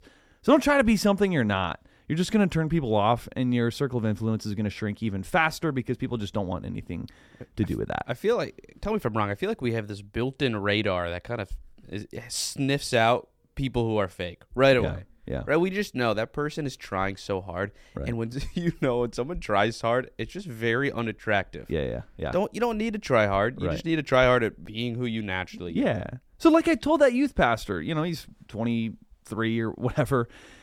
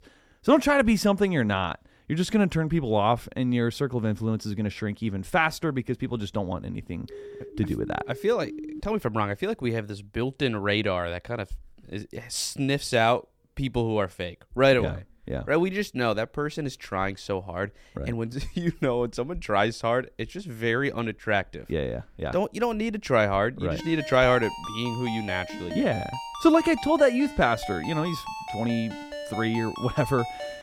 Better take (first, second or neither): first